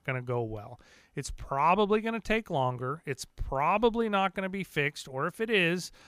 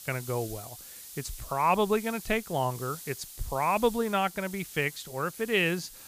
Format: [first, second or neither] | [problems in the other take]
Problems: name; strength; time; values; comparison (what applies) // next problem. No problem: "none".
first | hiss; noticeable; throughout; 15 dB below the speech